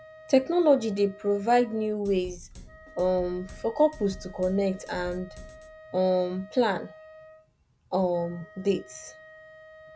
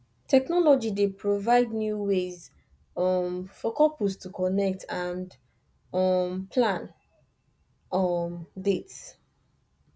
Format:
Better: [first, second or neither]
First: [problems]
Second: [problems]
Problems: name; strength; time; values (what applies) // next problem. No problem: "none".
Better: second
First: background sound (Wind instrument, woodwind instrument + Drum kit); 19 dB below the speech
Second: none